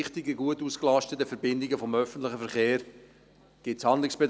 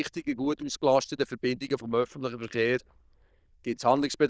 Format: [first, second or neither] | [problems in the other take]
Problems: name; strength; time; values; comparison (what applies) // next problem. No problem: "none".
first | noise reduction (neural diffusion model UNIVERSE++)